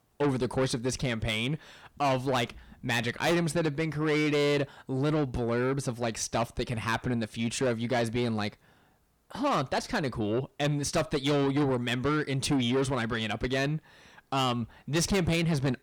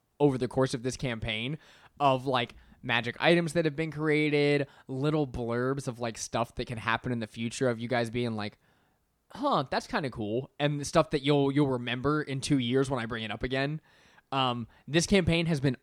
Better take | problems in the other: second | distortion; heavy; 7 dB below the speech

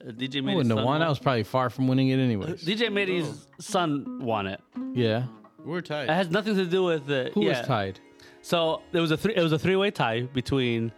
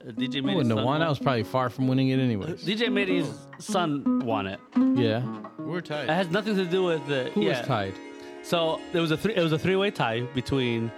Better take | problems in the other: first | background music; loud; throughout; 7 dB below the speech; faint in the first

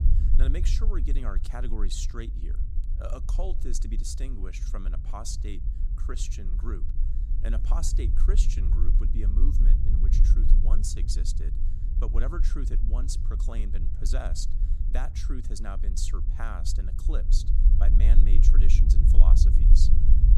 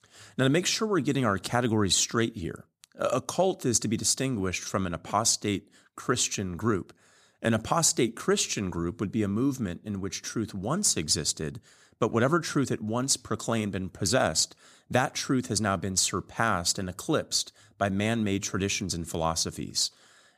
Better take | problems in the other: second | low rumble; loud; throughout; 6 dB below the speech

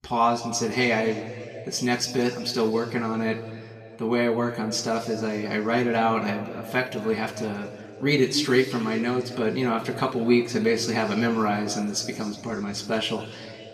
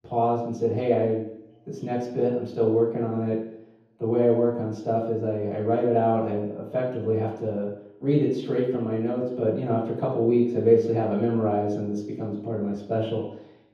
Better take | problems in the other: first | room echo; strong; dies away in 0.9 s; slight in the first // off-mic speech; far; somewhat distant in the first

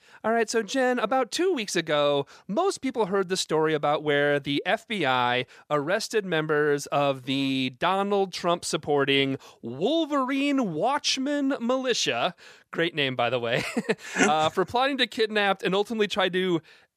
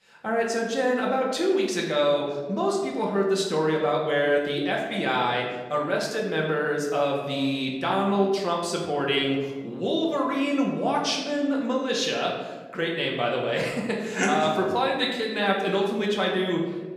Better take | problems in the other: first | room echo; noticeable; dies away in 1.1 s // off-mic speech; somewhat distant

